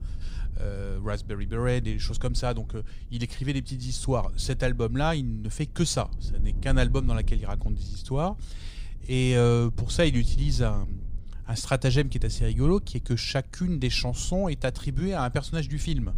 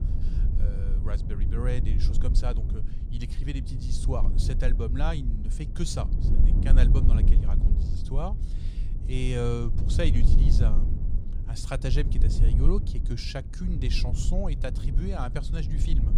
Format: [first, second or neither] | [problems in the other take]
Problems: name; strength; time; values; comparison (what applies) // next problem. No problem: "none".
first | low rumble; loud; throughout; 7 dB below the speech; faint in the first